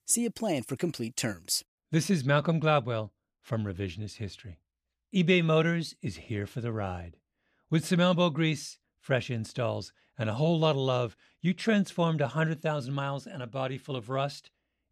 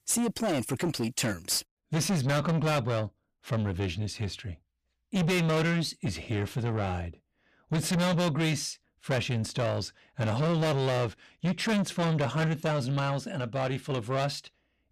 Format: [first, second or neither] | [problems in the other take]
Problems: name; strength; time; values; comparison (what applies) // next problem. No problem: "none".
first | distortion; heavy; 6 dB below the speech